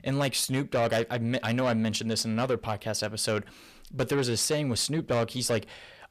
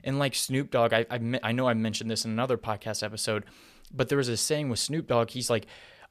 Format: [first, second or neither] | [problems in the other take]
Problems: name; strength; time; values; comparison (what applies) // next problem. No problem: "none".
second | distortion; slight; 10 dB below the speech